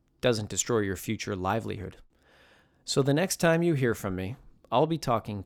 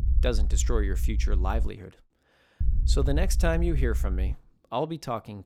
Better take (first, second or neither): first